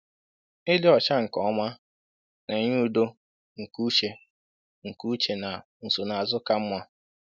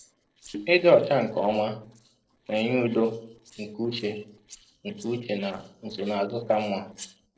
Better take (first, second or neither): first